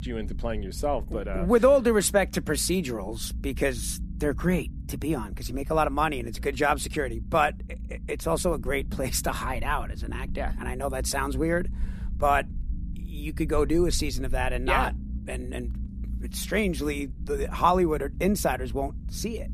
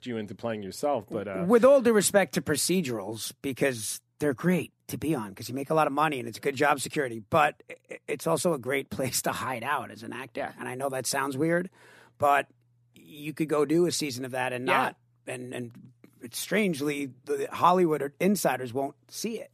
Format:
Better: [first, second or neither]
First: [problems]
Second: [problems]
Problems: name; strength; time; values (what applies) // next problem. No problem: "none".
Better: second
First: low rumble; faint; throughout; 25 dB below the speech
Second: none